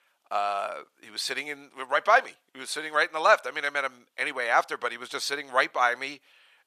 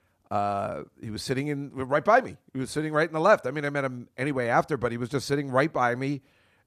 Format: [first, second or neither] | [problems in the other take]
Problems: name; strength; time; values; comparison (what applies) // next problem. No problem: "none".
second | thin; very; fading below 800 Hz